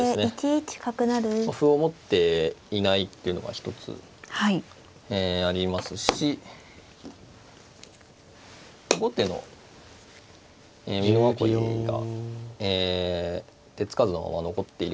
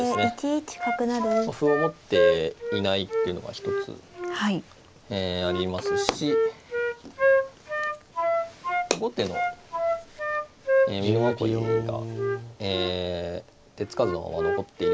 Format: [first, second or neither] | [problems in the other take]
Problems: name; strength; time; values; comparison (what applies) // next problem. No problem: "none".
first | background sound (Wind instrument, woodwind instrument); as loud as the speech